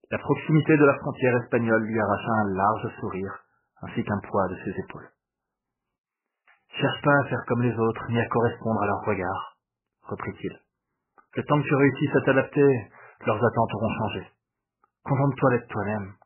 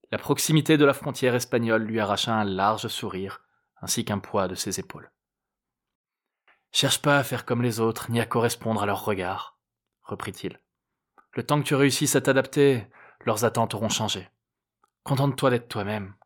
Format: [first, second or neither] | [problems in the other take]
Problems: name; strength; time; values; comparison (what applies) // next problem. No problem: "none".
second | garbled, watery; badly; nothing above 3 kHz